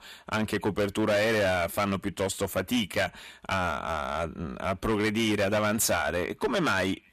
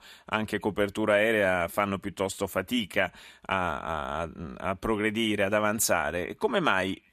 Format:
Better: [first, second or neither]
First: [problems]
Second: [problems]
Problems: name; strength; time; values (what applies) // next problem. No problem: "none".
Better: second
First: distortion; heavy; 12% of the sound clipped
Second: none